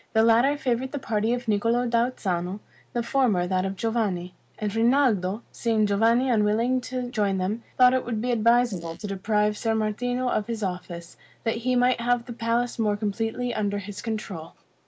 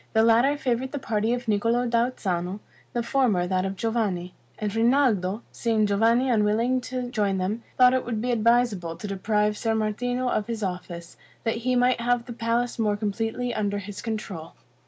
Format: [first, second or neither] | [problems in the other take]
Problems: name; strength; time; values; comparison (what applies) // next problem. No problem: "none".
second | noise reduction (neural mask model Resemble Enhance denoiser)